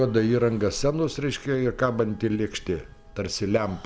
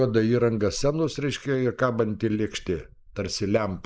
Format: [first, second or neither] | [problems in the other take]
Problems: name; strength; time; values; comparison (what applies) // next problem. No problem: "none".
first | noise reduction (neural mask model Resemble Enhance denoiser)